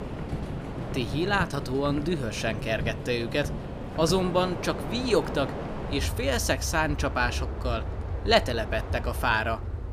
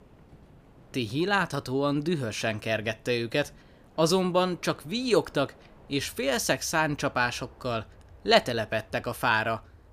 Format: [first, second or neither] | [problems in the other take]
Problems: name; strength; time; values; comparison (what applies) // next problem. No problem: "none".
second | train or aircraft noise; loud; throughout; 6 dB below the speech; faint in the second